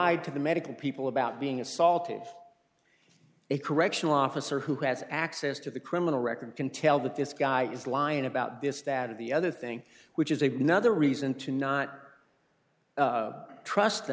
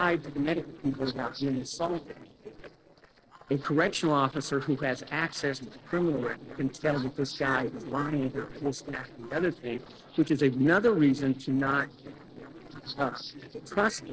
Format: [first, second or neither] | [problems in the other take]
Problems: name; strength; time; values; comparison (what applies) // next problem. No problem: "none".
first | noise reduction (neural separator model SepFormer DNS4)